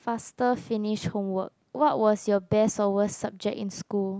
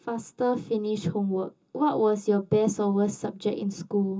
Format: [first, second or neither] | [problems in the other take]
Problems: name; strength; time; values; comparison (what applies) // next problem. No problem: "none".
first | room echo; dies away in 0.2 s